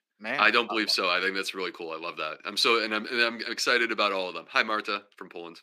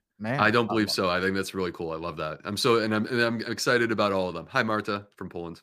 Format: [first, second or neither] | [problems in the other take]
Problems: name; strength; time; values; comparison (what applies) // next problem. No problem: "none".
second | thin; somewhat; fading below 250 Hz